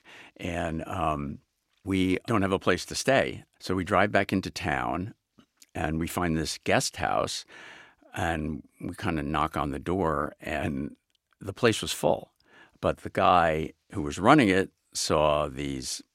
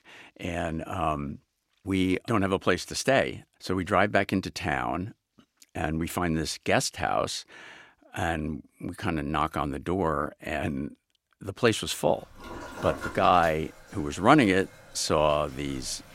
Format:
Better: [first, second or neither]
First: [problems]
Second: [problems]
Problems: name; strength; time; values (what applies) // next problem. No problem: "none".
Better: first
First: none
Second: household noises; noticeable; from 12 s on; 15 dB below the speech